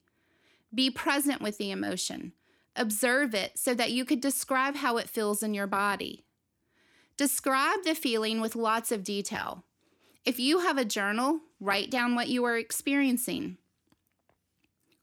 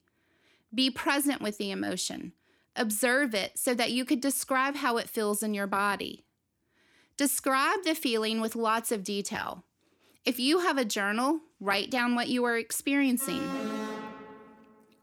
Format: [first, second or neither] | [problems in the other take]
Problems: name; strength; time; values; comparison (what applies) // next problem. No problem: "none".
first | alarm; noticeable; from 13 to 14 s; peak 5 dB below the speech